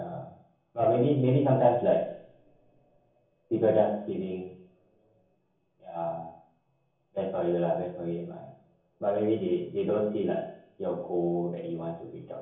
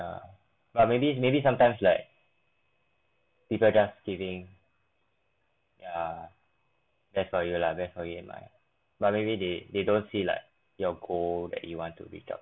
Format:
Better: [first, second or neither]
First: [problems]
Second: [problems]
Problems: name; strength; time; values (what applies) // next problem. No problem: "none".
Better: second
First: room echo; dies away in 0.7 s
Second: none